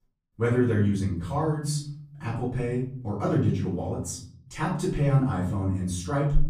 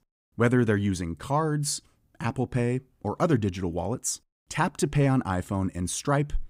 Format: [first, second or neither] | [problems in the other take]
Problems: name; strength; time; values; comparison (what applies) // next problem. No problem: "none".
second | off-mic speech; far // room echo; noticeable; dies away in 0.9 s